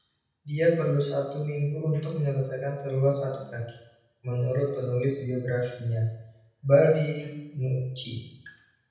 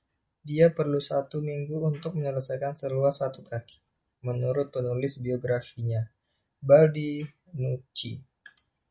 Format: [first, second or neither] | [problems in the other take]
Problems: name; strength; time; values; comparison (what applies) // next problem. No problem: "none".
second | room echo; dies away in 0.9 s